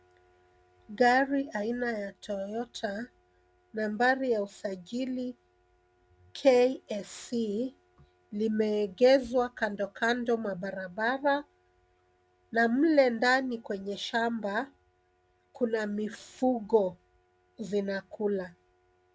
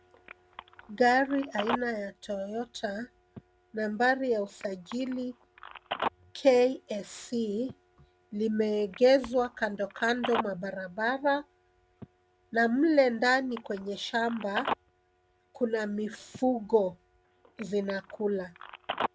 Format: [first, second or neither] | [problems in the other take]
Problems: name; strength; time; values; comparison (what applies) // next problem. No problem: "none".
first | background sound (Telephone); 12 dB below the speech